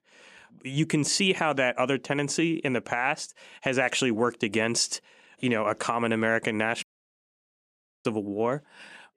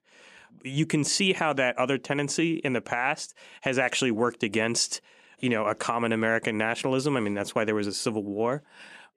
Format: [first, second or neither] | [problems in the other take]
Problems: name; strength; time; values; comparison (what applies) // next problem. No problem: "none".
second | audio cutting out; at 7 s for 1 s